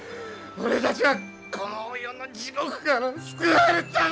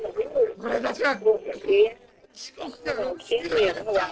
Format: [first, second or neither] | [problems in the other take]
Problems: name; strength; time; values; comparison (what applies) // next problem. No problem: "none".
first | noise reduction (neural separator model SepFormer DNS4)